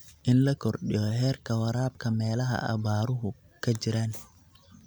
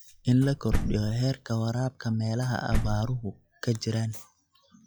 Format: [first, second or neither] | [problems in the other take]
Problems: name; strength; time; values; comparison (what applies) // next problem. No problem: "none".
first | noise reduction (classical method log-MMSE)